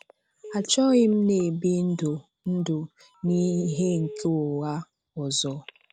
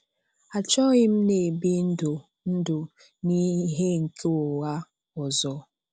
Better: second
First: background sound (Telephone); 18 dB below the speech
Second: none

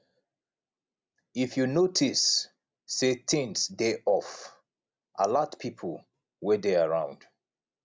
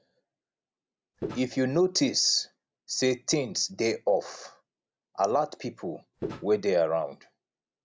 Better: first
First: none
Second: background sound (Walk, footsteps); 7 dB below the speech

